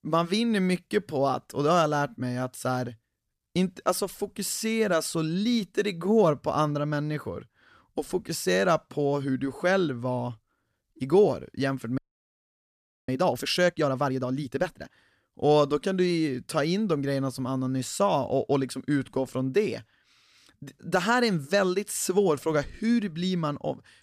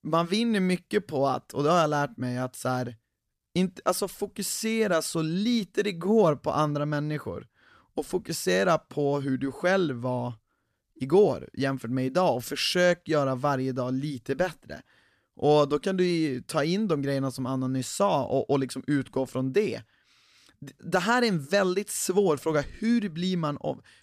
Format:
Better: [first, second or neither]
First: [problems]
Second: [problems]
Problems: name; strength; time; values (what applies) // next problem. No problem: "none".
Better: second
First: audio freezing; at 12 s for 1 s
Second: none